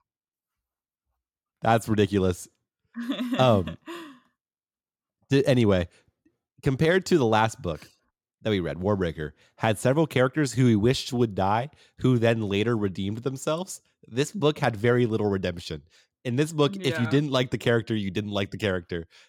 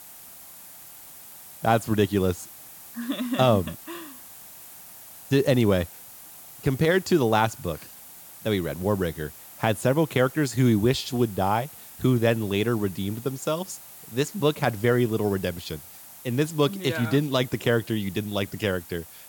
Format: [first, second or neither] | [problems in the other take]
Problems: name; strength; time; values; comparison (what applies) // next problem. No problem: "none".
first | hiss; noticeable; throughout; 15 dB below the speech